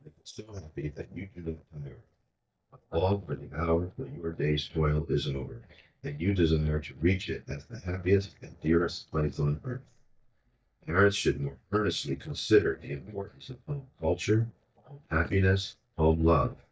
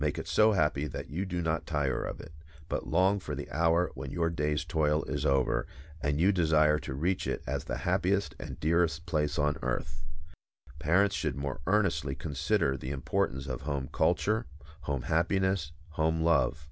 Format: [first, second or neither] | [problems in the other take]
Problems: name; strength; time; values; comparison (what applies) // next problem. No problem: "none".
second | noise reduction (neural mask model DeepFilterNet 3)